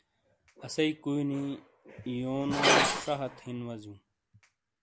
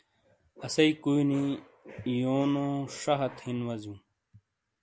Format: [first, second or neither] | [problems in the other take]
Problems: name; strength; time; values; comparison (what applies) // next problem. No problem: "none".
second | background sound (Glass); 1 dB above the speech